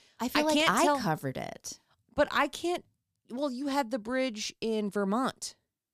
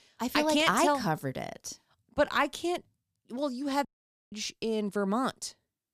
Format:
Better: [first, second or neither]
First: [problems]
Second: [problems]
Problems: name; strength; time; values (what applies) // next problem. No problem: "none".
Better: first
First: none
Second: audio cutting out; at 4 s